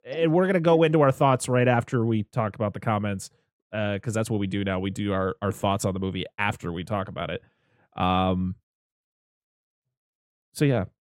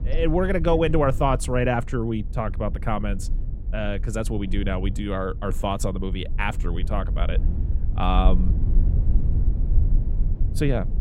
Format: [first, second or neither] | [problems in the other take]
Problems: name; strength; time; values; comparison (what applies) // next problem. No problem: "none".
first | low rumble; noticeable; throughout; 15 dB below the speech